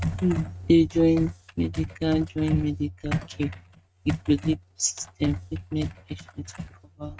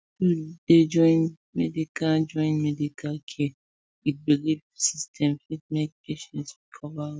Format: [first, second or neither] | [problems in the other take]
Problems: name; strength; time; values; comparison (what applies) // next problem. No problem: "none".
second | noise reduction (neural mask model RNNoise)